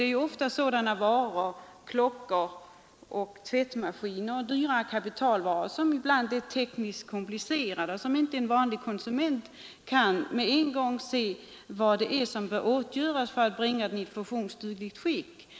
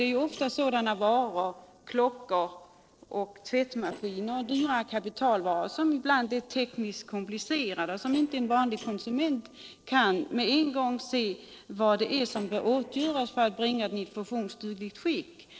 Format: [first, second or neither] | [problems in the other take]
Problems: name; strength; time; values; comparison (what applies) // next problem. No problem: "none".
first | noise reduction (neural separator model SepFormer DNS4)